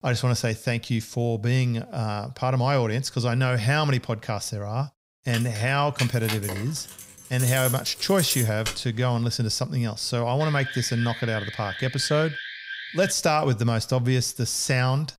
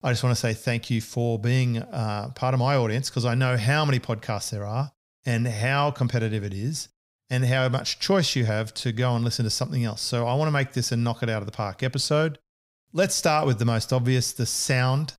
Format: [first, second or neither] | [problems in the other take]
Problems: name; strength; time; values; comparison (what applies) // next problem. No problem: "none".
second | jangling keys; noticeable; from 5.5 to 9 s; peak 2 dB below the speech // alarm; noticeable; from 10 to 13 s; peak 8 dB below the speech